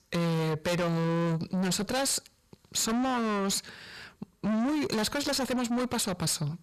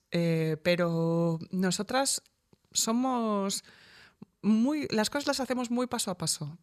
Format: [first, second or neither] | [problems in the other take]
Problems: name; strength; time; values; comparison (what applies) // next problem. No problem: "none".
second | distortion; heavy; 6 dB below the speech